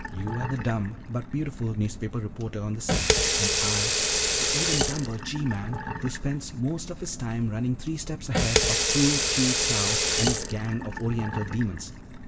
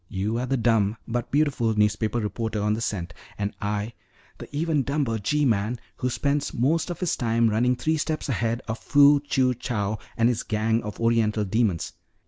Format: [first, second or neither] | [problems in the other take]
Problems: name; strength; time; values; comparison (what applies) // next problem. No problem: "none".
second | background sound (Sink (filling or washing) / Water tap, faucet); 2 dB above the speech // room echo; dies away in 0.6 s